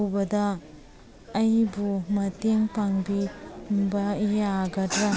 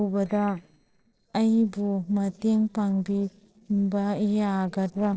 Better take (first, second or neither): first